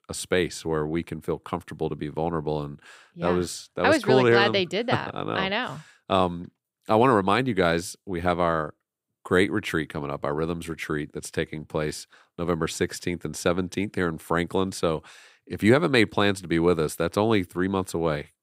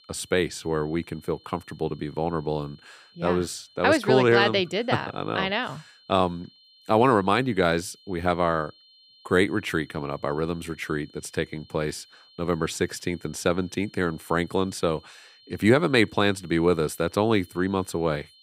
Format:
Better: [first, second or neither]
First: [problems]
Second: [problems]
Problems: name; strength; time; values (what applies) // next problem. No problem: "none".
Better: first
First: none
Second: high-pitched whine; faint; throughout; 4 kHz, 30 dB below the speech